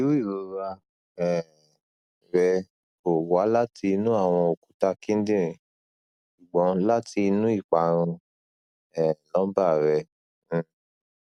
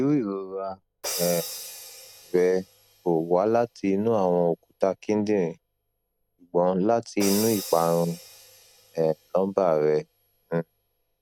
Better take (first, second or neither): first